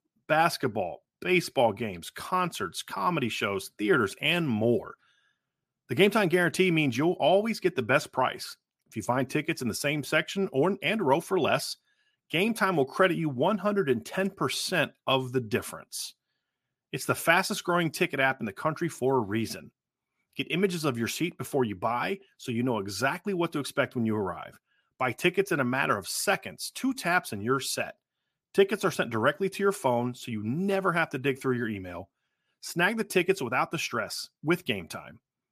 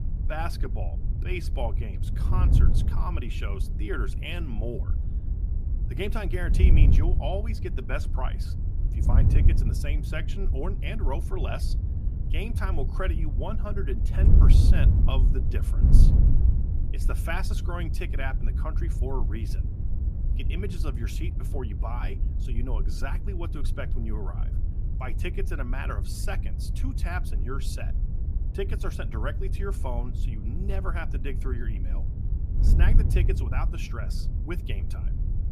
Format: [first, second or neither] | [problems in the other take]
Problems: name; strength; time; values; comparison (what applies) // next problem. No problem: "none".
first | wind noise on the microphone; heavy; 6 dB below the speech